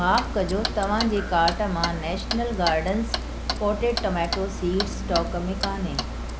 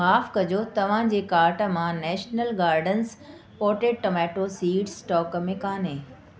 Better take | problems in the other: second | background sound (Clock); 3 dB below the speech

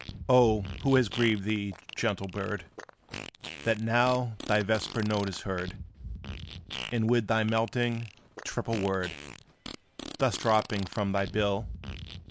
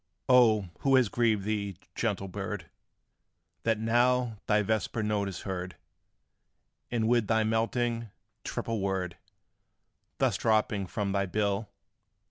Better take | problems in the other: second | background sound (Fart); 13 dB below the speech

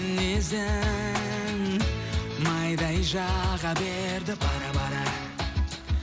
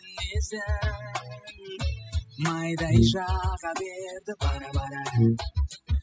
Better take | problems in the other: first | noise reduction (classical method spectral subtraction)

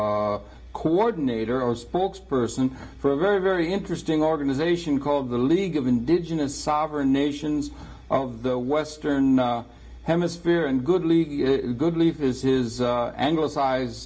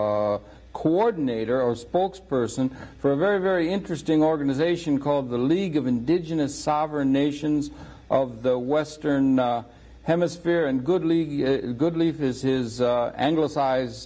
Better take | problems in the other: second | room echo; dies away in 0.2 s

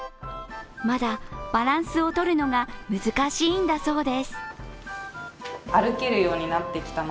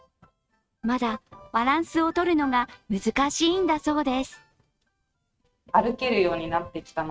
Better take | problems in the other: first | noise reduction (neural mask model RNNoise)

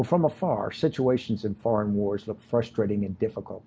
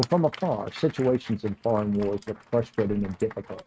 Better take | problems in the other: first | noise reduction (neural mask model RNNoise)

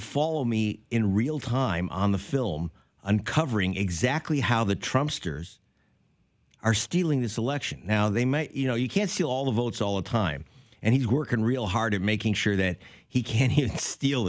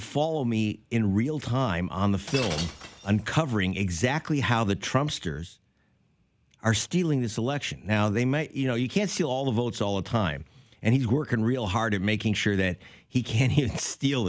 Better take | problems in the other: first | background sound (Shatter); 12 dB below the speech

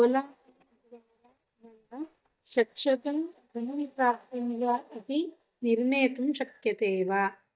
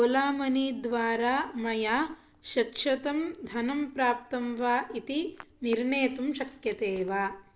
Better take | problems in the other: second | noise reduction (neural mask model DeepFilterNet 3)

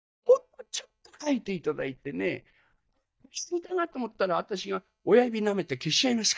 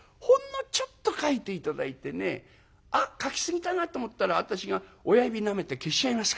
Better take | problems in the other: second | noise reduction (neural mask model DeepFilterNet 3)

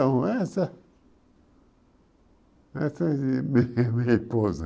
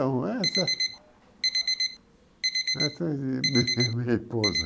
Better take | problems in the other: first | background sound (Alarm); as loud as the speech

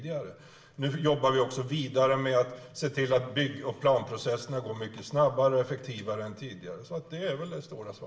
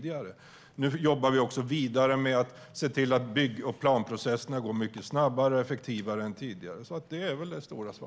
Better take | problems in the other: second | room echo; dies away in 0.7 s

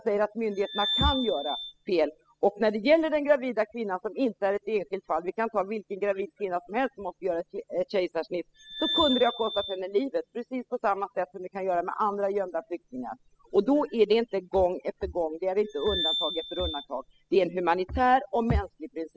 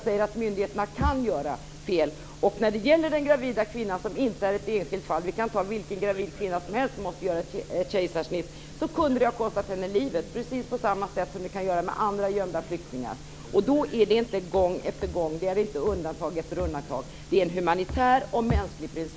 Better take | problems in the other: second | noise reduction (classical method spectral subtraction)

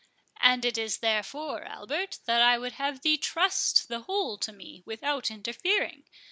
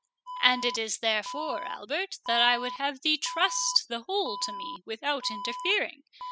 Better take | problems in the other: first | noise reduction (classical method spectral subtraction)

